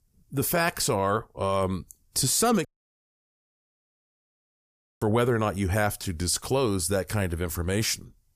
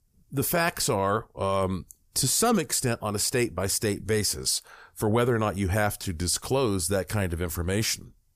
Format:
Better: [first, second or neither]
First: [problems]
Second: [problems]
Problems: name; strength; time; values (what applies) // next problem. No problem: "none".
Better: second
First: audio cutting out; at 2.5 s for 2.5 s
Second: none